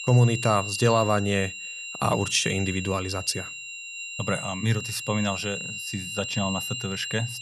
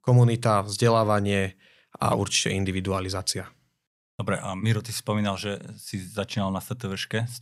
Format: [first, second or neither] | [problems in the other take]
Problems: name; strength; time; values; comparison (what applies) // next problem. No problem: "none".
second | high-pitched whine; loud; throughout; 3 kHz, 6 dB below the speech